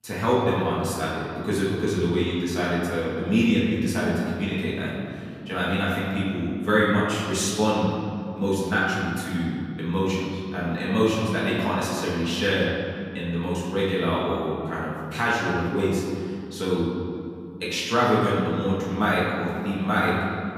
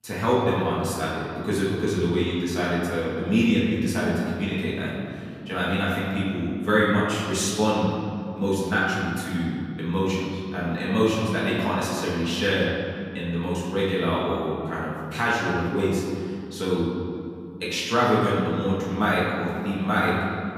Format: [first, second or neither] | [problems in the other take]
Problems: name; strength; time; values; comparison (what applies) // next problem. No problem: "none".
neither | off-mic speech; far; the same in both // room echo; strong; dies away in 2.2 s; the same in both